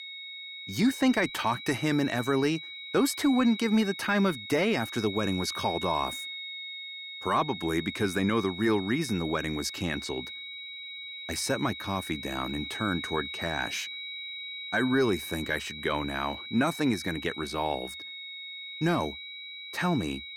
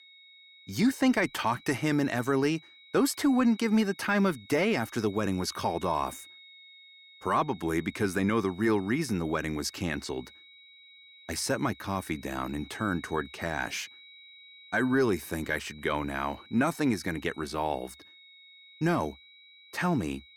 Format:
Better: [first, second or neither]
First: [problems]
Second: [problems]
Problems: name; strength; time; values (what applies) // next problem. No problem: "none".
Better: second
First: high-pitched whine; loud; throughout; 4 kHz, 9 dB below the speech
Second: high-pitched whine; faint; throughout; 4 kHz, 20 dB below the speech